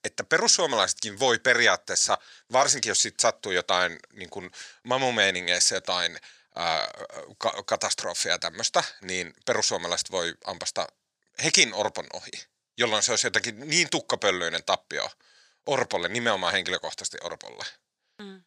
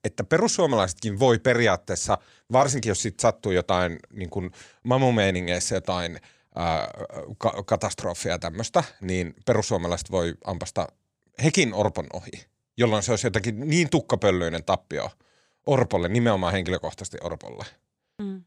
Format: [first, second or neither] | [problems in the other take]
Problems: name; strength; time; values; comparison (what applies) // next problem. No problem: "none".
second | thin; somewhat; fading below 1 kHz